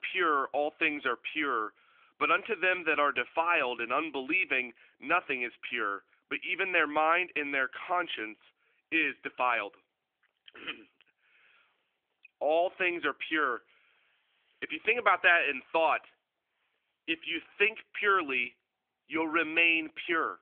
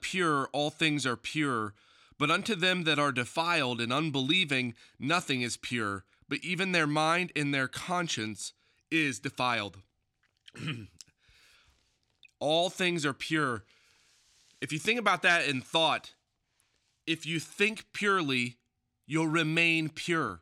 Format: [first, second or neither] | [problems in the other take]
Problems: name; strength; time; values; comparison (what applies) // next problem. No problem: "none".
second | phone-call audio